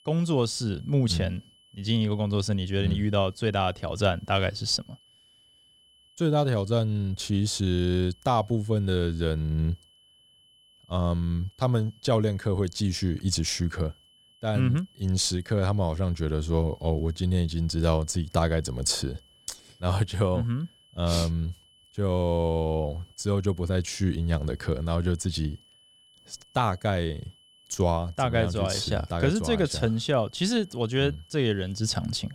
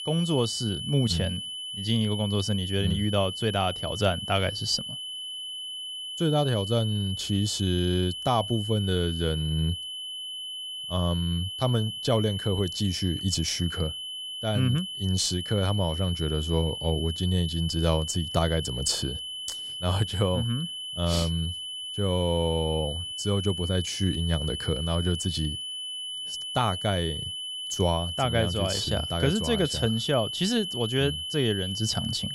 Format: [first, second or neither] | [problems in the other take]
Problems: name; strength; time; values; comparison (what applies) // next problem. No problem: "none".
first | high-pitched whine; loud; throughout; 3 kHz, 5 dB below the speech; faint in the first